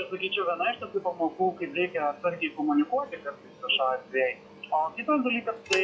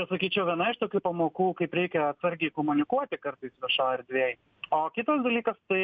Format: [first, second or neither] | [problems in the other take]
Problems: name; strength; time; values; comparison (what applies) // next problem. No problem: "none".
second | noise reduction (classical method log-MMSE)